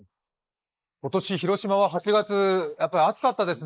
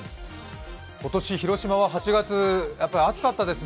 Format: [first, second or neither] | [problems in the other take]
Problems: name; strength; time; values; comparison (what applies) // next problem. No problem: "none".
second | noise reduction (neural mask model Resemble Enhance denoiser)